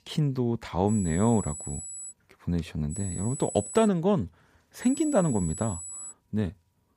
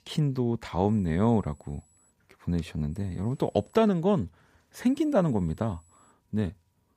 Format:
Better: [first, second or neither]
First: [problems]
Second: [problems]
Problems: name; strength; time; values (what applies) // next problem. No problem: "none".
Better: second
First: high-pitched whine; loud; from 1 to 2 s, at 3 s and from 5 to 6 s; 8 kHz, 10 dB below the speech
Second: high-pitched whine; faint; from 1 to 2 s, at 3 s and from 5 to 6 s; 8 kHz, 35 dB below the speech